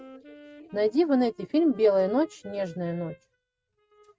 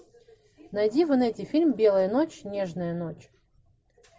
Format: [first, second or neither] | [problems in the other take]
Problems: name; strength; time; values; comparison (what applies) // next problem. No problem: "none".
second | noise reduction (neural mask model RNNoise)